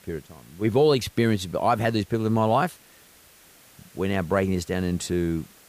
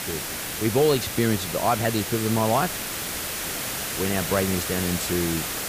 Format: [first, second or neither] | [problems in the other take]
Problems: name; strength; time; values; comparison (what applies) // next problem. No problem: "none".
first | hiss; loud; throughout; 3 dB below the speech; faint in the first